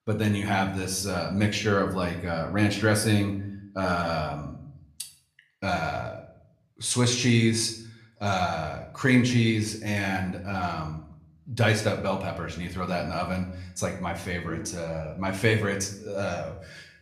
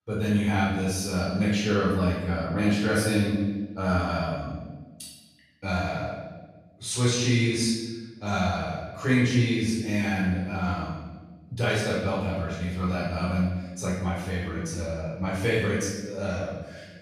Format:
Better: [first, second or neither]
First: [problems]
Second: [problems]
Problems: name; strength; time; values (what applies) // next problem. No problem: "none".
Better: first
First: room echo; slight; dies away in 0.5 s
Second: room echo; strong; dies away in 1.1 s // off-mic speech; far